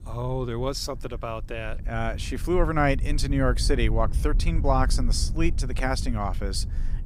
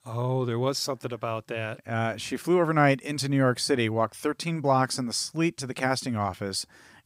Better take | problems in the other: second | low rumble; noticeable; throughout; 20 dB below the speech

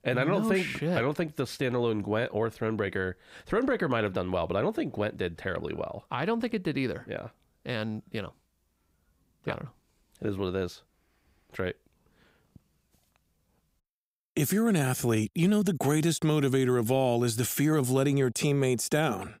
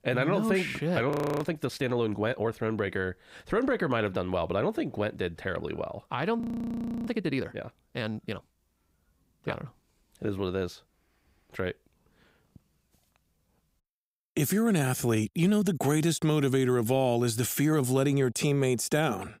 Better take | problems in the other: first | audio freezing; at 1 s and at 6.5 s for 0.5 s

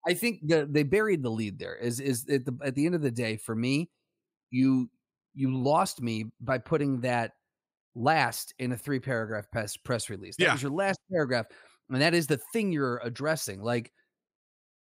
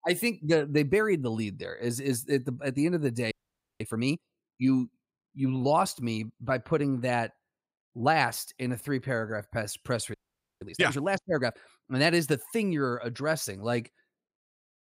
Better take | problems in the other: first | audio freezing; at 3.5 s and at 10 s

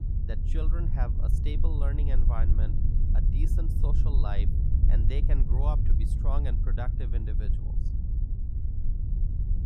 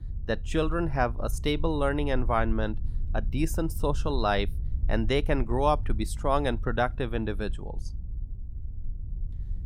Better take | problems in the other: second | low rumble; loud; throughout; 3 dB below the speech; faint in the second

